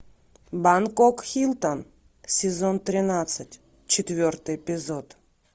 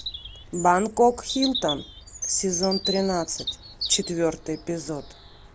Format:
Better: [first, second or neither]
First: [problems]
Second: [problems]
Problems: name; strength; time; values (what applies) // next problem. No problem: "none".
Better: first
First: none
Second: background sound (Bird vocalization, bird call, bird song); 8 dB below the speech